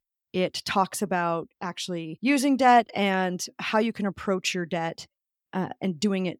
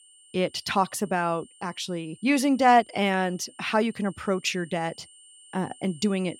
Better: first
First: none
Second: high-pitched whine; faint; throughout; 9 kHz, 25 dB below the speech

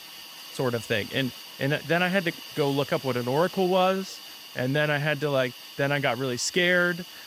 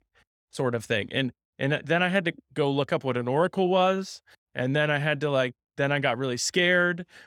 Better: second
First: hiss; noticeable; throughout; 15 dB below the speech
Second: none

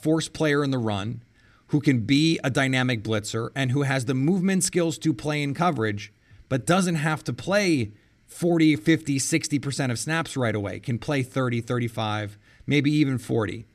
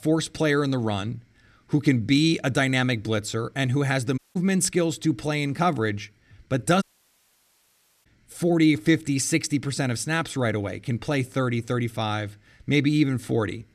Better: first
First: none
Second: audio cutting out; at 4 s and at 7 s for 1 s

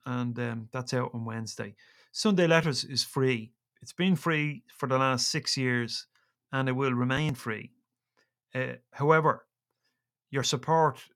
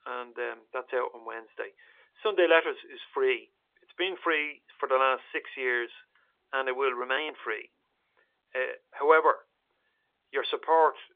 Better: first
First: none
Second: phone-call audio

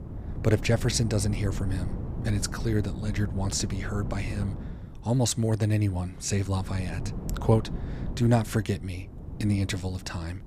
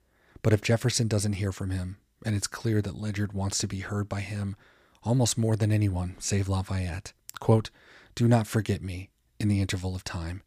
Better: second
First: wind noise on the microphone; occasional gusts; 15 dB below the speech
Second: none

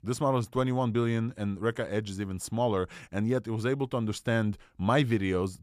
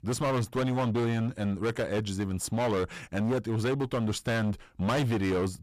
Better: first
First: none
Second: distortion; heavy; 20% of the sound clipped

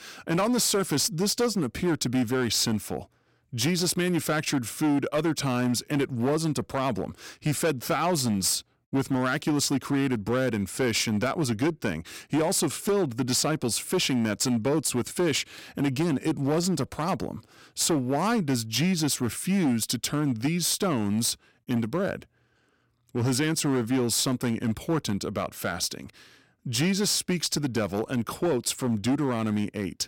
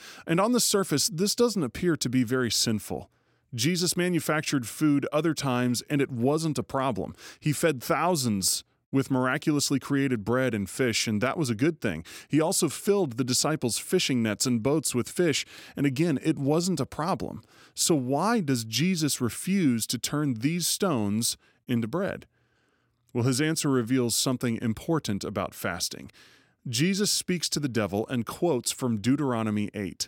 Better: second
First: distortion; slight; 10% of the sound clipped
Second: none

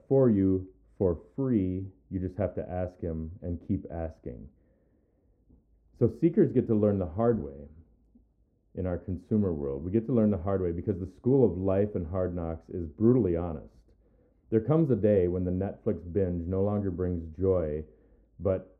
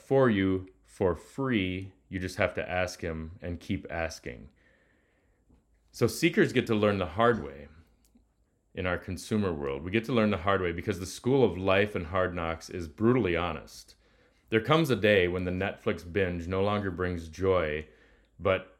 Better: second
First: muffled; very; fading above 1.5 kHz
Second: none

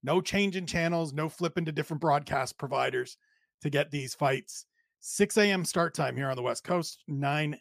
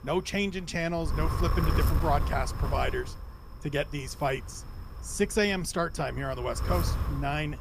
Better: first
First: none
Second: wind noise on the microphone; heavy; 7 dB below the speech

